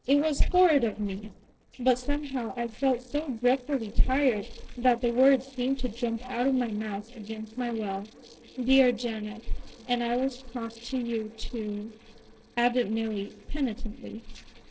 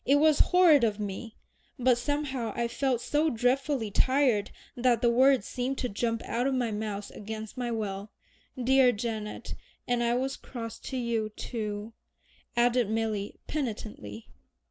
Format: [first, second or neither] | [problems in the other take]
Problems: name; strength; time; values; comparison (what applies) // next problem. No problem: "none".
second | noise reduction (neural separator model SepFormer DNS4)